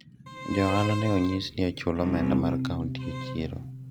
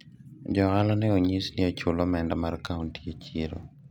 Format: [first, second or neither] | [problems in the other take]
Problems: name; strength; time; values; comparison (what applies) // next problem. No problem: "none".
second | background sound (Bowed string instrument); 3 dB below the speech